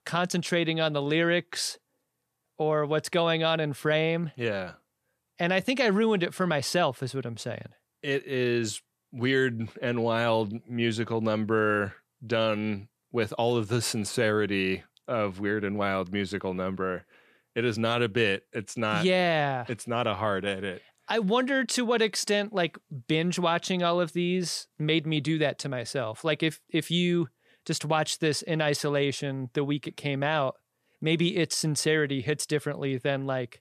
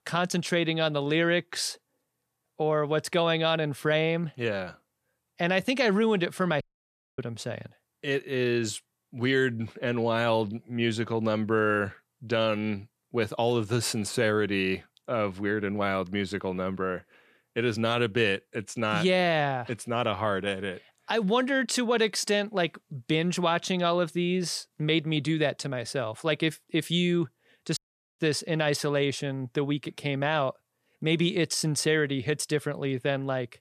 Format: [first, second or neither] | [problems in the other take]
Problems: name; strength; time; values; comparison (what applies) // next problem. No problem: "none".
first | audio cutting out; at 6.5 s for 0.5 s and at 28 s